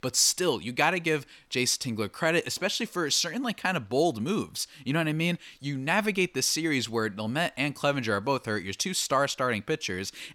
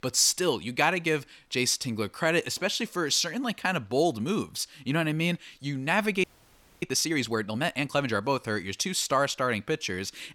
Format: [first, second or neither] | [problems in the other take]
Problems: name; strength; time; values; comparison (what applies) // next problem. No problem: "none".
first | audio freezing; at 6 s for 0.5 s